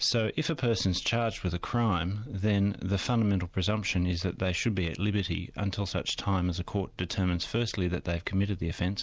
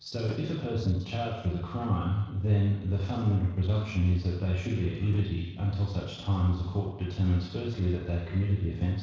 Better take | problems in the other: first | noise reduction (neural separator model SepFormer DNS4)

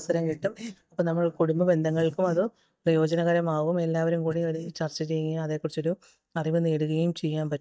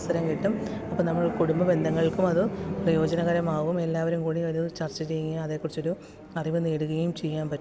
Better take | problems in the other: second | noise reduction (neural mask model DeepFilterNet 3)

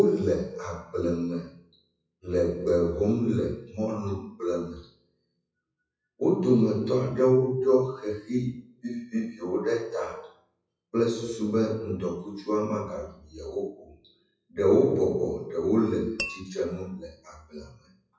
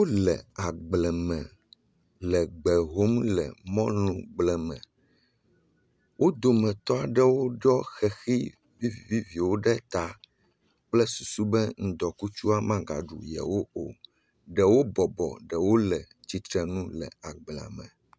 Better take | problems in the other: second | noise reduction (classical method WPE with log-MMSE)

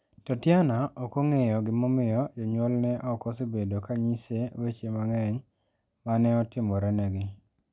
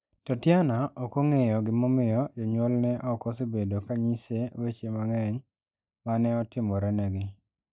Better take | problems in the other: first | noise reduction (neural mask model DeepFilterNet 3)

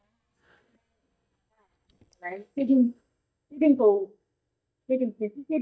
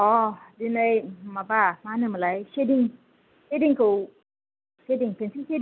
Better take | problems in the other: second | noise reduction (neural mask model DeepFilterNet 3)

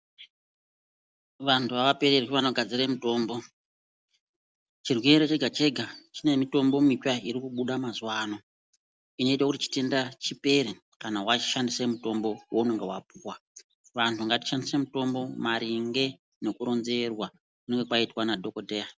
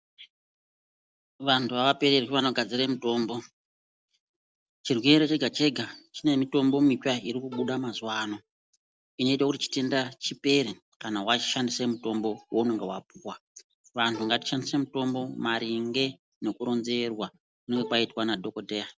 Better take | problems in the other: first | noise reduction (neural separator model SepFormer DNS4)

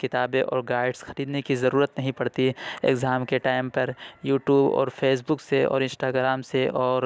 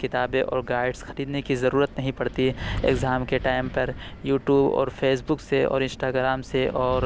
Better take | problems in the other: first | background sound (Wind); 13 dB below the speech

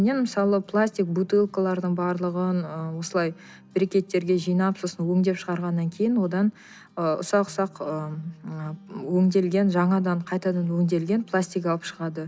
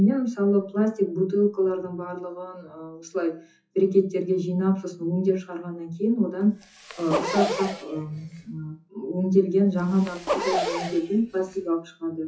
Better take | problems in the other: first | noise reduction (classical method WPE with log-MMSE)

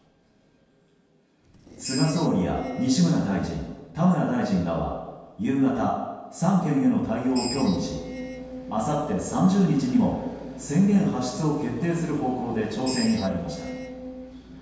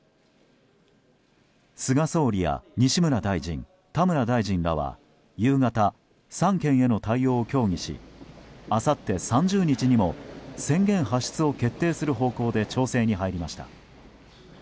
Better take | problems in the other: second | background sound (Screech); 15 dB below the speech // room echo; dies away in 1.2 s

